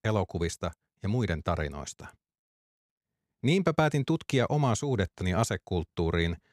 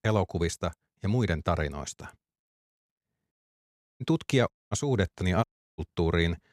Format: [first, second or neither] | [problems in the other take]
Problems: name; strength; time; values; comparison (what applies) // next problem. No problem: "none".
first | audio cutting out; at 3.5 s for 0.5 s, at 4.5 s and at 5.5 s